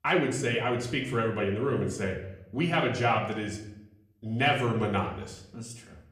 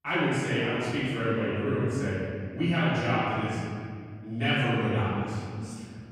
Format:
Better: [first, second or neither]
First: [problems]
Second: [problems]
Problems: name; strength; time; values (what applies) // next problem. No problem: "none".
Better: first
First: room echo; slight; dies away in 0.6 s // off-mic speech; far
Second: room echo; strong; dies away in 2.1 s // off-mic speech; far